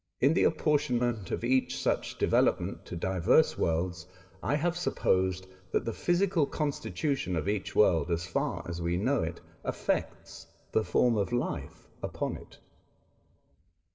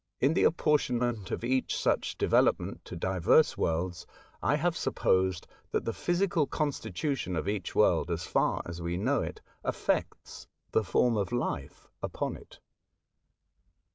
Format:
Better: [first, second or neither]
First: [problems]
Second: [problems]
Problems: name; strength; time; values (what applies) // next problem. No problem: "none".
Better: second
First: room echo; dies away in 2.1 s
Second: none